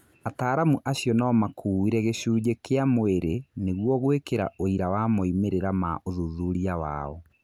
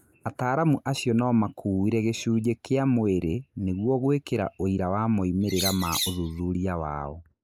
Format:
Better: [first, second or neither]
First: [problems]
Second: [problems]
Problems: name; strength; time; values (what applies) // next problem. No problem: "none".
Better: first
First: none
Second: noise reduction (neural mask model Resemble Enhance denoiser)